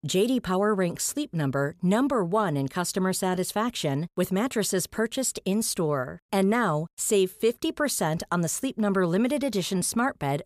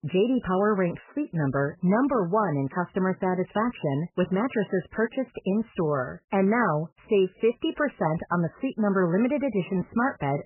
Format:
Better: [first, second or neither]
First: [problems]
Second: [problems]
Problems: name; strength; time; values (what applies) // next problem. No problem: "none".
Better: first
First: none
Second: garbled, watery; badly; nothing above 3 kHz